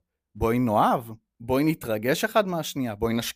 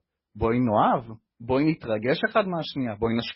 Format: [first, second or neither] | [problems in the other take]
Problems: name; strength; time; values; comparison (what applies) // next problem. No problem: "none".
first | garbled, watery; badly; nothing above 5.5 kHz